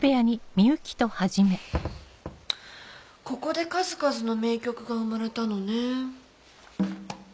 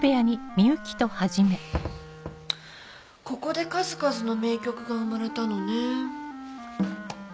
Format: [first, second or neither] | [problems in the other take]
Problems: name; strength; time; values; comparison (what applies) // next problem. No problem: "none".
first | background sound (Wind instrument, woodwind instrument); 13 dB below the speech